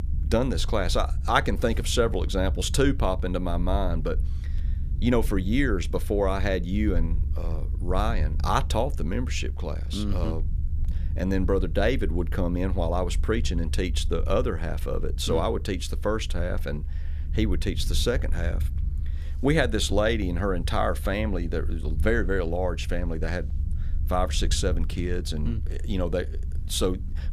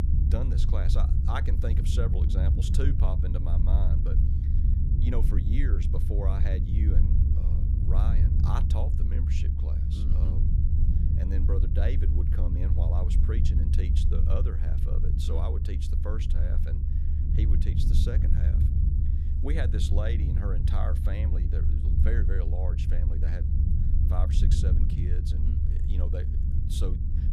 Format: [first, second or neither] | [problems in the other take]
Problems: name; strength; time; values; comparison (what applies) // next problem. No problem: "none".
first | low rumble; loud; throughout; 2 dB below the speech; faint in the first